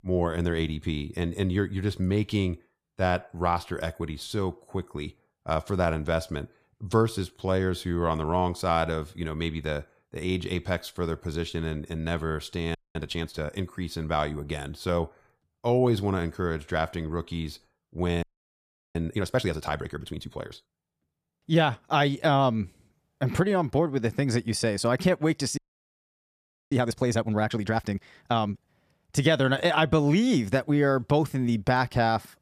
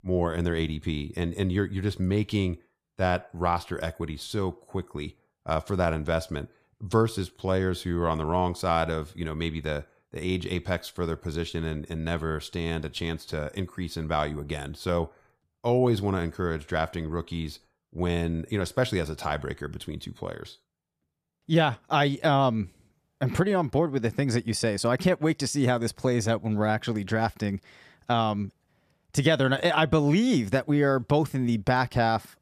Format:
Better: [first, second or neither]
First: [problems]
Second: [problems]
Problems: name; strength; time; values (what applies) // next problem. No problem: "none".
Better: second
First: audio freezing; at 13 s, at 18 s for 0.5 s and at 26 s for 1 s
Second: none